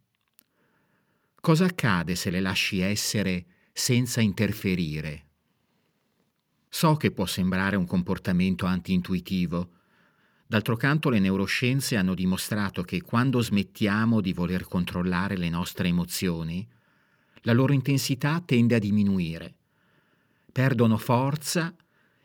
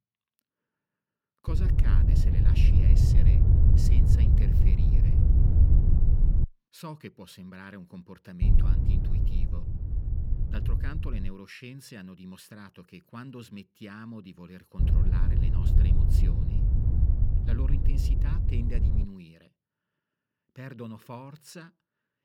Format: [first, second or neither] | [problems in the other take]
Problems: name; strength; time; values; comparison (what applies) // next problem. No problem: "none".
first | wind noise on the microphone; heavy; from 1.5 to 6.5 s, from 8.5 to 11 s and from 15 to 19 s; 4 dB above the speech